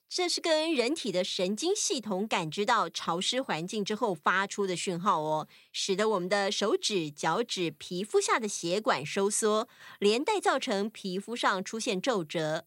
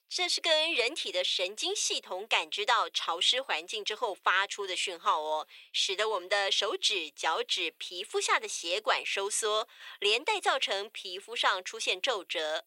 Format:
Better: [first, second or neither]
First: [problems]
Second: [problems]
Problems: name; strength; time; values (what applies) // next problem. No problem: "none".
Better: first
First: none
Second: thin; very; fading below 450 Hz